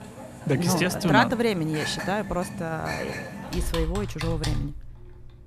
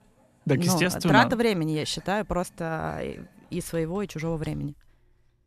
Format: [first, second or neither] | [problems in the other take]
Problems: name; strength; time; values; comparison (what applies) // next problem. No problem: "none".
second | household noises; loud; throughout; 8 dB below the speech; faint in the second